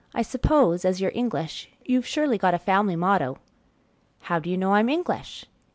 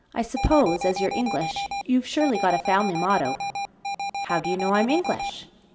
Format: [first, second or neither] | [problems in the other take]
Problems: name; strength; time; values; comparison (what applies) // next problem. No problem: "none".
first | background sound (Alarm); 5 dB below the speech // room echo; dies away in 1.1 s